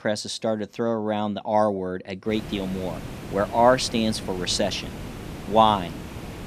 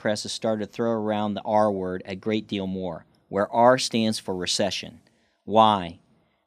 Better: second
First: hiss; noticeable; from 2.5 s on; 15 dB below the speech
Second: none

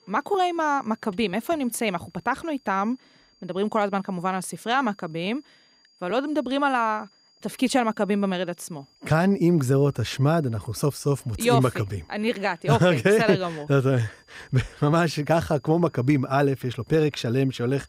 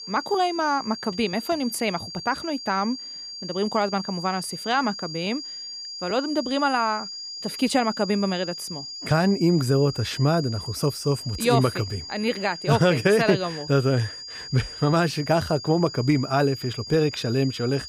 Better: first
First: high-pitched whine; faint; throughout; 5 kHz, 35 dB below the speech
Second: high-pitched whine; loud; throughout; 5 kHz, 10 dB below the speech

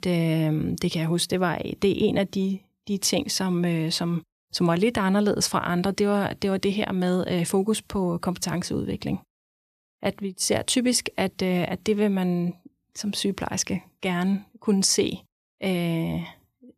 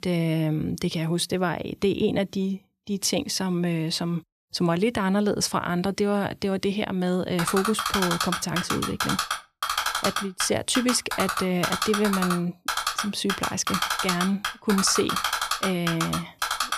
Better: first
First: none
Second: keyboard typing; loud; from 7.5 s on; peak 1 dB above the speech

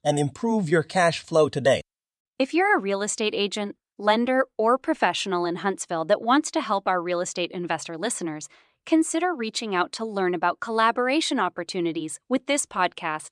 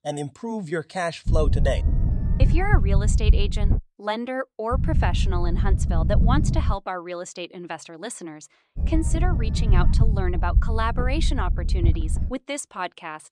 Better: first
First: none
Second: low rumble; loud; from 1.5 to 4 s, from 4.5 to 6.5 s and from 9 to 12 s; 9 dB below the speech

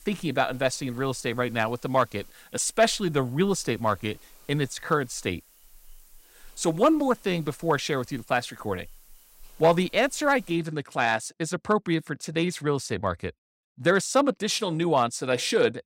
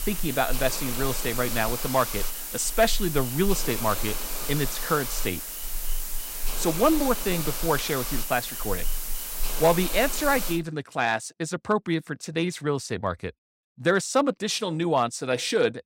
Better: first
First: hiss; faint; until 11 s; 25 dB below the speech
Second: hiss; loud; until 11 s; 4 dB below the speech

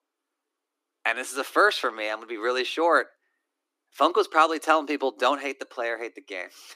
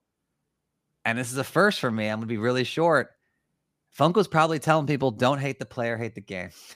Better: second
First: thin; somewhat; fading below 300 Hz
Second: none

